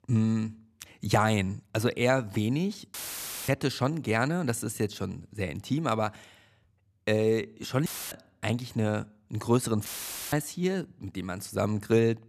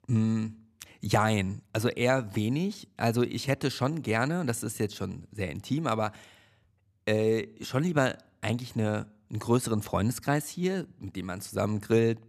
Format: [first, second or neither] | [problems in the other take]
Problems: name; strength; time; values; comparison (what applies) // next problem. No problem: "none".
second | audio cutting out; filled with static; at 3 s for 0.5 s, at 8 s and at 10 s